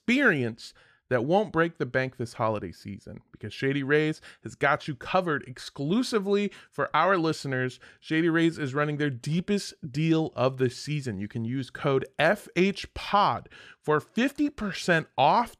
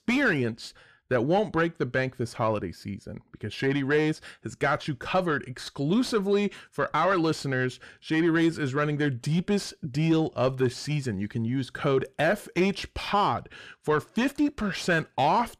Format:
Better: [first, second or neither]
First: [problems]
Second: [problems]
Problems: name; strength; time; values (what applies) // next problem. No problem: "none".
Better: first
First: none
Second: distortion; slight; 10 dB below the speech